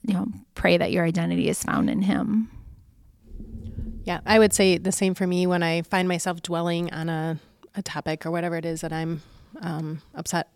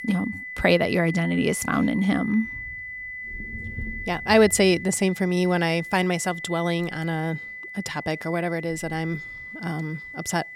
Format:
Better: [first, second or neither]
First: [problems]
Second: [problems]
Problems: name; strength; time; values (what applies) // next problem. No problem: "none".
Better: first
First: none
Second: high-pitched whine; noticeable; throughout; 2 kHz, 10 dB below the speech